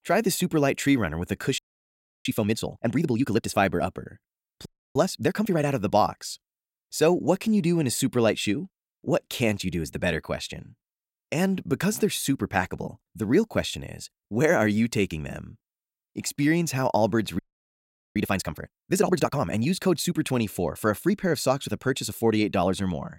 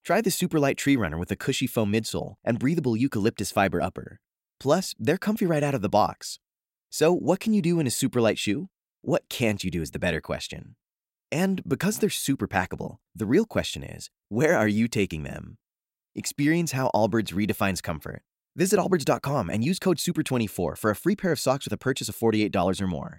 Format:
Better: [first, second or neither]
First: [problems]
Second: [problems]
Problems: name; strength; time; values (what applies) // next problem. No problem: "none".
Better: second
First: audio freezing; at 1.5 s for 0.5 s, at 4.5 s and at 17 s for 1 s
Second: none